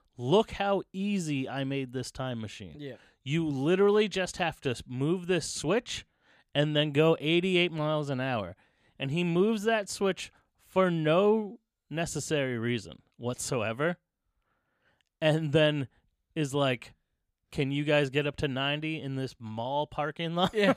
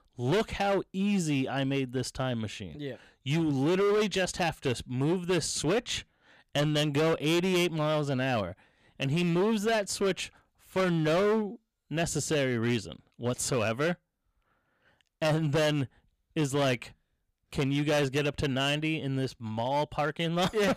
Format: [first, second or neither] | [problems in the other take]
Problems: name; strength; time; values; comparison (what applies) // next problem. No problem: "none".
first | distortion; heavy; 13% of the sound clipped